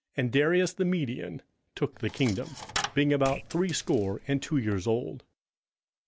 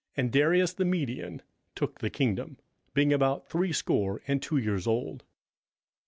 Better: second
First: background sound (Coin (dropping)); 12 dB below the speech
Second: none

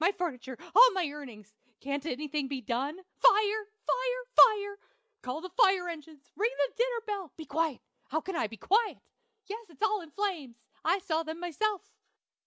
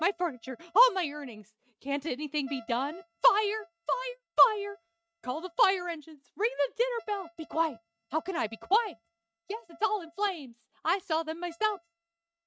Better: first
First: none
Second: noise reduction (neural mask model RNNoise)

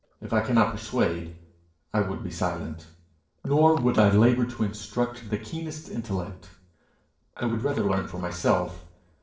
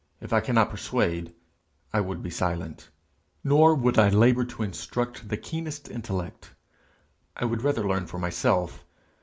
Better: second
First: noise reduction (neural separator model SepFormer DNS4)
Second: none

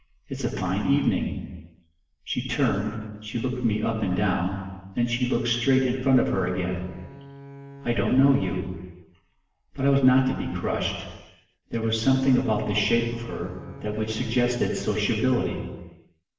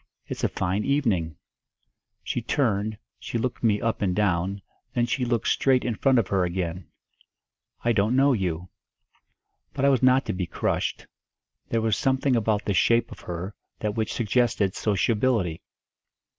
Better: second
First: background sound (Bowed string instrument); 19 dB below the speech // room echo; dies away in 1.2 s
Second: none

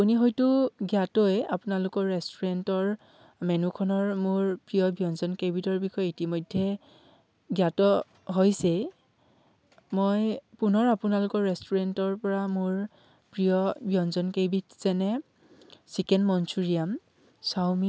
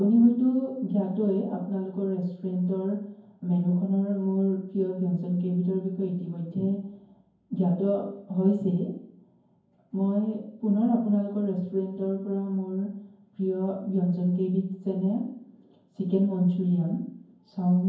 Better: first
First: none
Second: room echo; dies away in 0.9 s

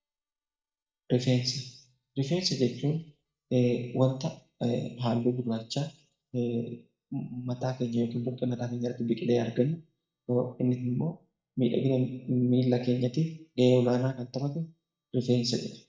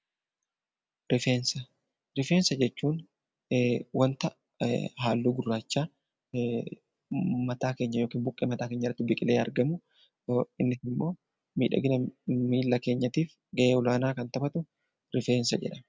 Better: second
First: noise reduction (neural mask model DeepFilterNet 3)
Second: none

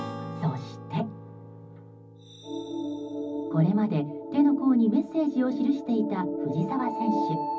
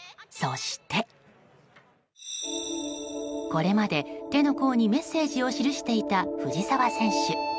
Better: second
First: background sound (Acoustic guitar / Strum); 17 dB below the speech // room echo; dies away in 0.4 s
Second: none

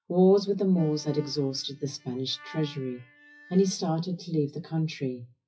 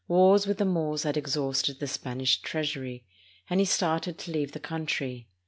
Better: second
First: noise reduction (classical method WPE with log-MMSE)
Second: none

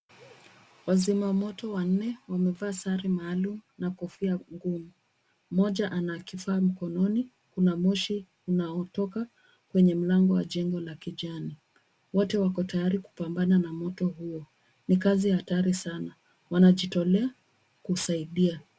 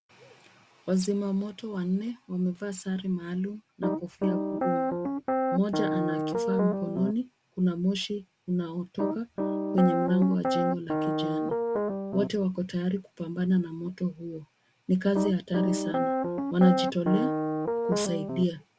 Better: first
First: none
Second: background sound (Piano); 1 dB above the speech

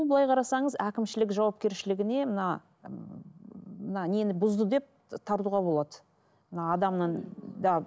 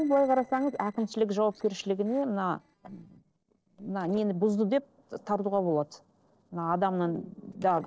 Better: first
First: none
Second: noise reduction (neural separator model SepFormer DNS4)

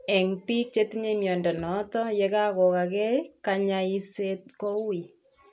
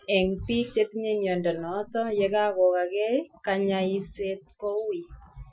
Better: first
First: none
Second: noise reduction (classical method Wiener filter)

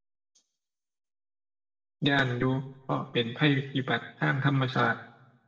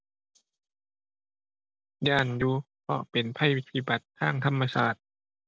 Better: second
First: room echo; dies away in 0.6 s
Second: none

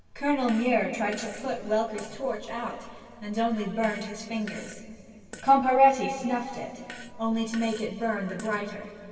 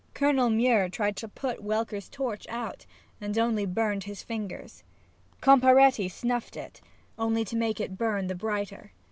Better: second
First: background sound (Fart); 20 dB below the speech // room echo; dies away in 2.5 s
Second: none

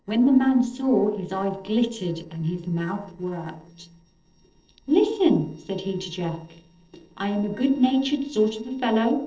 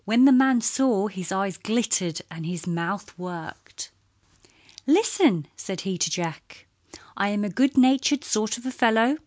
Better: second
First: noise reduction (neural separator model SepFormer DNS4)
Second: none

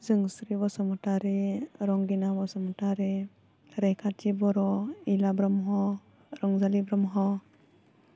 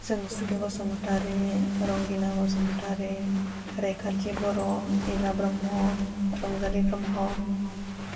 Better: first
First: none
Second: background sound (Walk, footsteps); 10 dB below the speech // room echo; dies away in 2.5 s

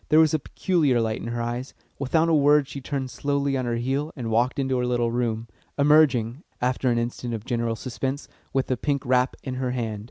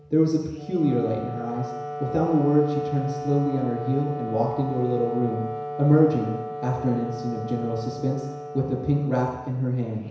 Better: first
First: none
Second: background sound (Wind instrument, woodwind instrument); 9 dB below the speech // room echo; dies away in 1 s

